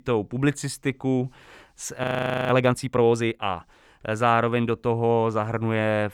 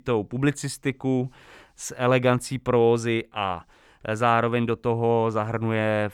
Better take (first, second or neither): second